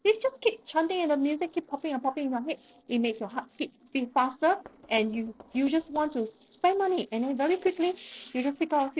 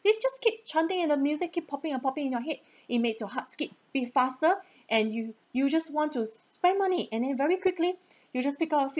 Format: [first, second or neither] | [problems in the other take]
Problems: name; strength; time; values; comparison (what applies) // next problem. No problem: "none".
second | noise reduction (neural separator model SepFormer DNS4)